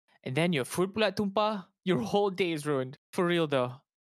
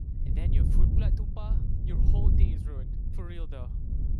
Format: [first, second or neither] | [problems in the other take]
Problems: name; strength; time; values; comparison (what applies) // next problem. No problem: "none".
first | wind noise on the microphone; heavy; 3 dB above the speech